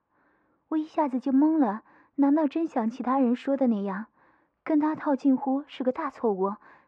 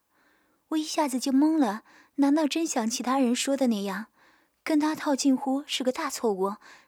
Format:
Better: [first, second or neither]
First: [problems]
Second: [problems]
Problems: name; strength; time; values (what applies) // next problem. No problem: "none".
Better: second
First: muffled; very; fading above 1 kHz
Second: none